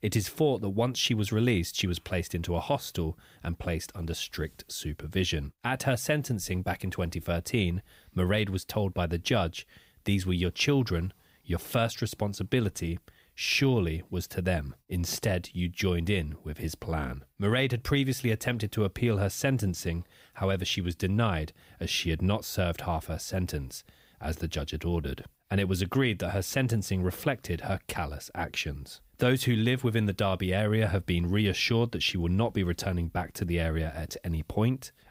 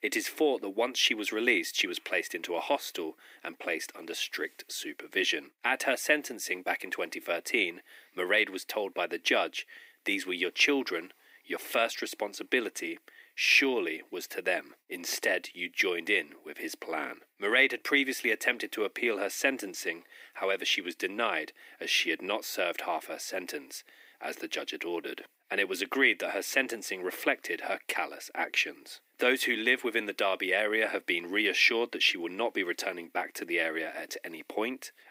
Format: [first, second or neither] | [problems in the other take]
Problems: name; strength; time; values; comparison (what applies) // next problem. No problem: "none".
first | thin; very; fading below 300 Hz